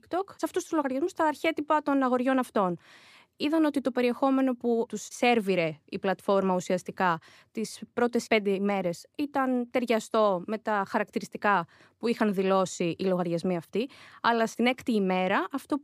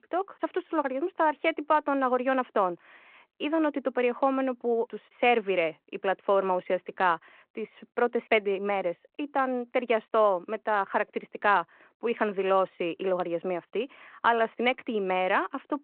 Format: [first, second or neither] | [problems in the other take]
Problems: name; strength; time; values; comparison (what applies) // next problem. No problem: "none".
first | phone-call audio